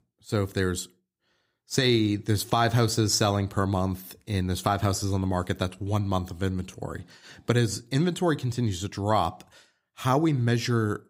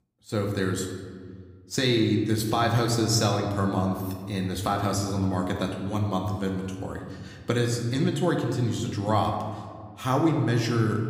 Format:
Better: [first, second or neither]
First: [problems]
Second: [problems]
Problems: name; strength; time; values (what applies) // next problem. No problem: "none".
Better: first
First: none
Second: room echo; slight; dies away in 1.4 s